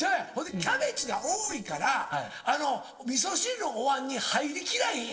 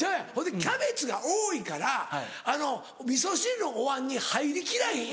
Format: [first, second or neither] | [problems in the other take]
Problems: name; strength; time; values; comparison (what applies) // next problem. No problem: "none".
second | noise reduction (neural separator model SepFormer DNS4)